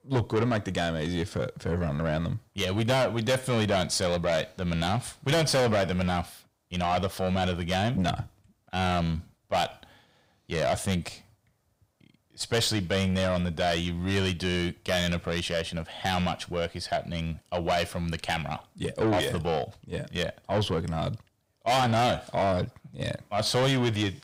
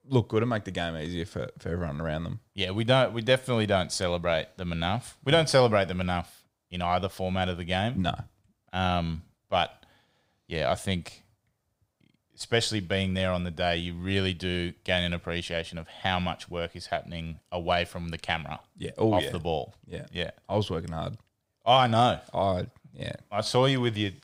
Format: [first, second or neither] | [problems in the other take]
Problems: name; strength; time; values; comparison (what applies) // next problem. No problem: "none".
second | distortion; heavy; 6 dB below the speech